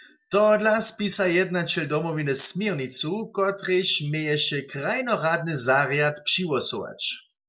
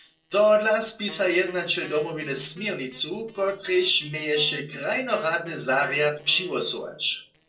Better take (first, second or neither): first